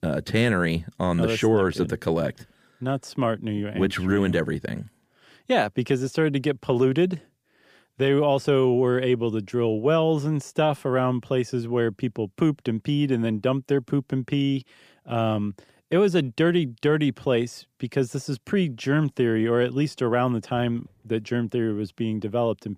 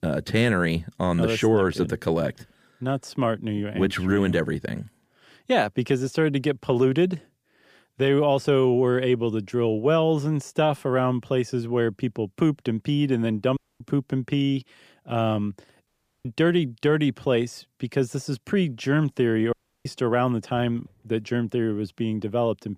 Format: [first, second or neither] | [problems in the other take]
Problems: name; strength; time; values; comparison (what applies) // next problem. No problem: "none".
first | audio cutting out; at 14 s, at 16 s and at 20 s